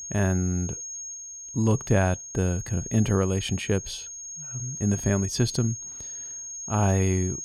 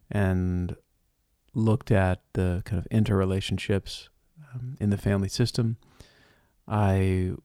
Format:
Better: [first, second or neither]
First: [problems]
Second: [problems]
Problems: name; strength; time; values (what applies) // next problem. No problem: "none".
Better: second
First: high-pitched whine; loud; throughout; 6.5 kHz, 9 dB below the speech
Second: none